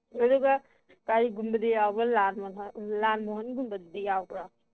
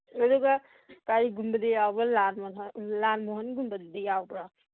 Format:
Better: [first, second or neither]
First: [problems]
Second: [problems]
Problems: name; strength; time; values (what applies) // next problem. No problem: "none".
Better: second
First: noise reduction (neural separator model SepFormer DNS4)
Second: none